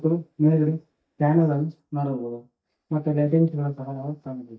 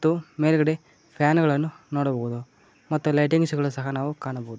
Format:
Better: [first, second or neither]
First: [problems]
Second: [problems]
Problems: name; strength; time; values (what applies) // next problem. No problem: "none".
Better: second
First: noise reduction (neural mask model DeepFilterNet 3)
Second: none